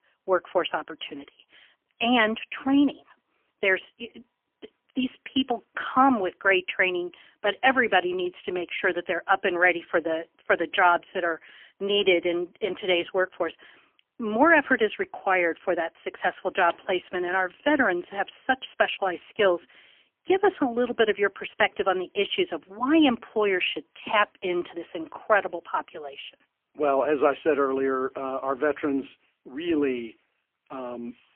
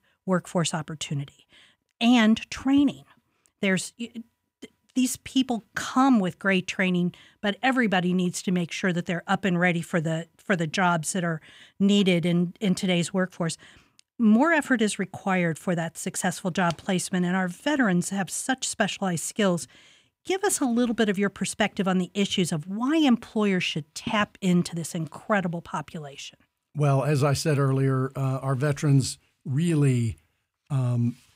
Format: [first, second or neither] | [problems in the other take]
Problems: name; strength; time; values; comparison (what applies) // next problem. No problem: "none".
second | phone-call audio; poor line; nothing above 3.5 kHz